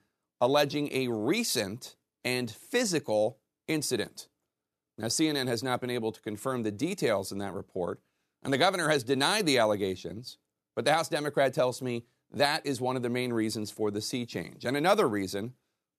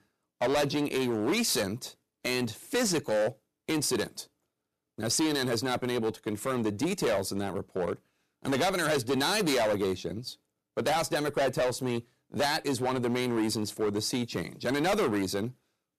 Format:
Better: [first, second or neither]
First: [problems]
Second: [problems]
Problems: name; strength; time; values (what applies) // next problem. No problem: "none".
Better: first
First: none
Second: distortion; heavy; 13% of the sound clipped